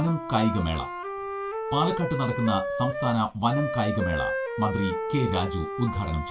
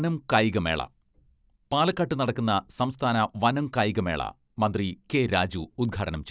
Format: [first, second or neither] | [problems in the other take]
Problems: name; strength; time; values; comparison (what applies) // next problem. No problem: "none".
second | background sound (Wind instrument, woodwind instrument); 4 dB below the speech // room echo; dies away in 0.2 s